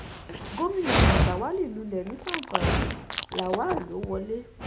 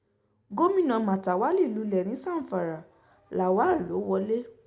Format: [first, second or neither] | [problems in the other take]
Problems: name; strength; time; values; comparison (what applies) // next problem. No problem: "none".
second | background sound (Dog); 3 dB above the speech